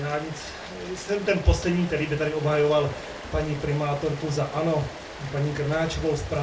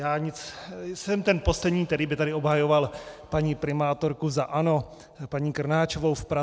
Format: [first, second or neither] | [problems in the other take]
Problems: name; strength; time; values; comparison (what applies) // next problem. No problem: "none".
second | background sound (Rain); 13 dB below the speech // room echo; dies away in 0.2 s